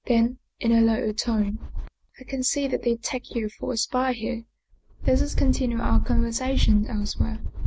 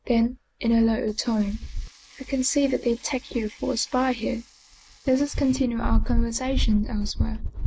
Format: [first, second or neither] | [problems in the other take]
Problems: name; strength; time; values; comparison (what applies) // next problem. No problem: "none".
first | noise reduction (neural mask model Resemble Enhance denoiser)